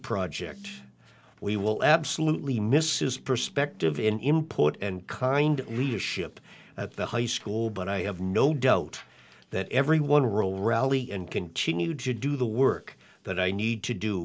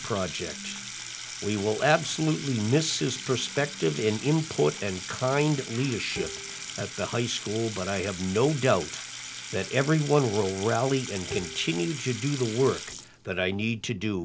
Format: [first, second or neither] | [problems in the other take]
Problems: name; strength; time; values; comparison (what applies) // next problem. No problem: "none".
first | background sound (Sink (filling or washing) / Water tap, faucet + Bowed string instrument); 11 dB below the speech